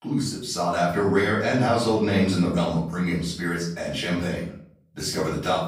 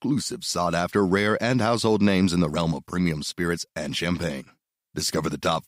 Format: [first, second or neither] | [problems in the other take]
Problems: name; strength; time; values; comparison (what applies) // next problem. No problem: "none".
second | off-mic speech; far // room echo; noticeable; dies away in 0.5 s